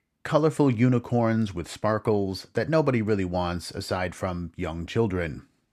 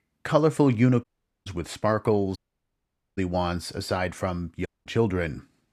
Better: first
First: none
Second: audio cutting out; at 1 s, at 2.5 s for 1 s and at 4.5 s

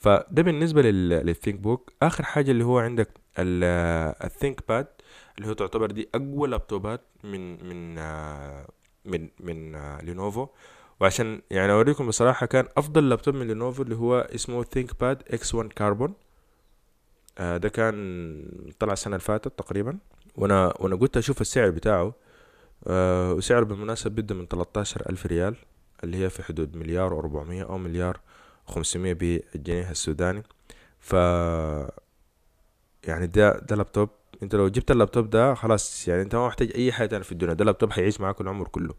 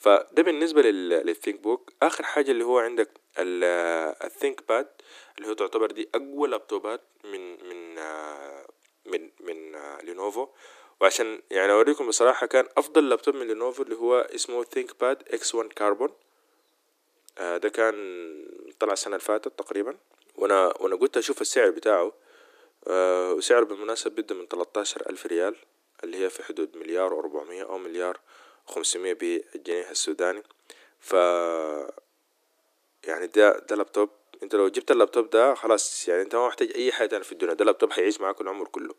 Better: first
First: none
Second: thin; somewhat; fading below 300 Hz

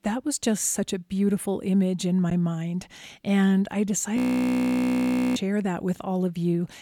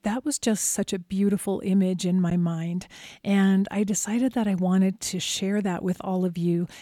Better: second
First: audio freezing; at 4 s for 1 s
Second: none

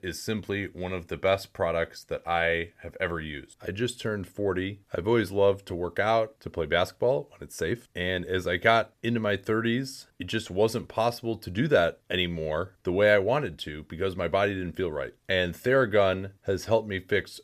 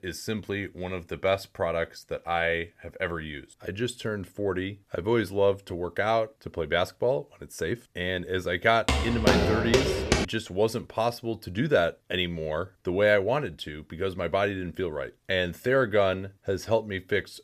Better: first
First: none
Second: footsteps; loud; from 9 to 10 s; peak 5 dB above the speech

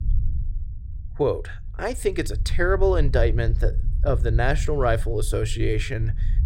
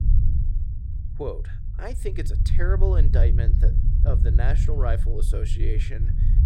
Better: first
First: low rumble; faint; throughout; 20 dB below the speech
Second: low rumble; loud; throughout; 7 dB below the speech

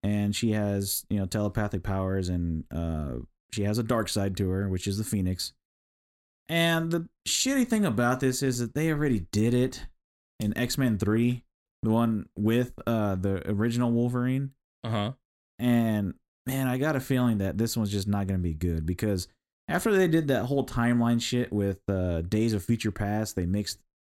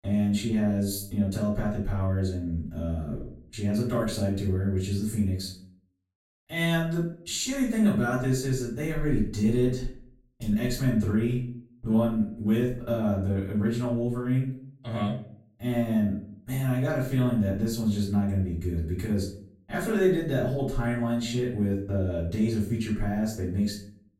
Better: first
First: none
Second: off-mic speech; far // room echo; noticeable; dies away in 0.4 s

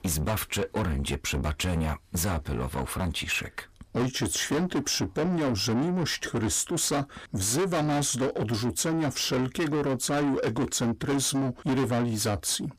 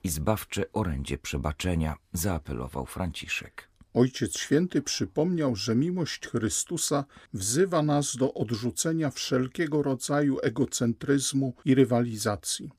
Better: second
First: distortion; heavy; 6 dB below the speech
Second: none

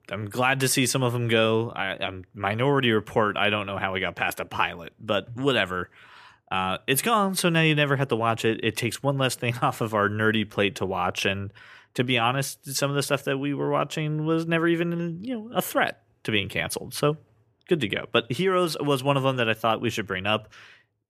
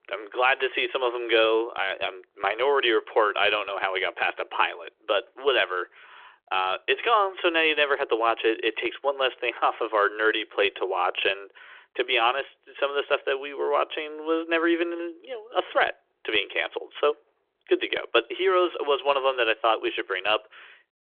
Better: first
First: none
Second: phone-call audio; nothing above 3.5 kHz

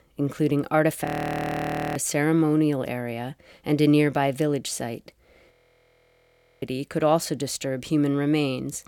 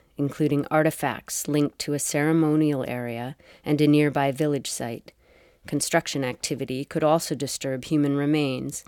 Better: second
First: audio freezing; at 1 s for 1 s and at 5.5 s for 1 s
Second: none

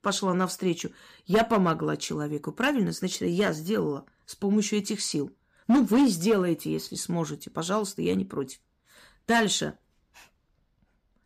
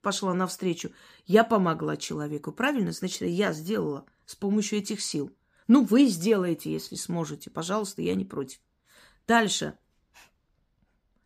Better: second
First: distortion; slight; 2% of the sound clipped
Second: none

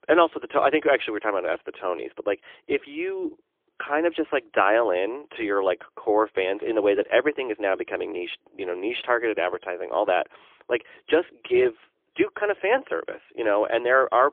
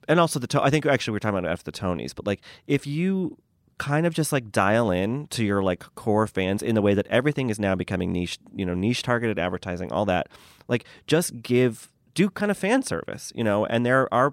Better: second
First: phone-call audio; poor line; nothing above 3.5 kHz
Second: none

